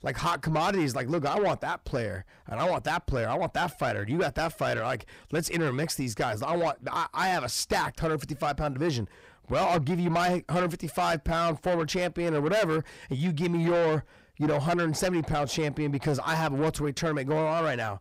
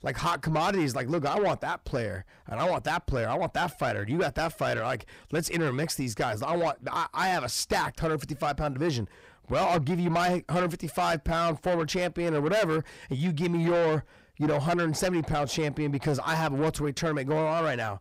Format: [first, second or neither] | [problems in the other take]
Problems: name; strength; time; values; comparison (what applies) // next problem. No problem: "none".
neither | distortion; heavy; 8 dB below the speech; the same in both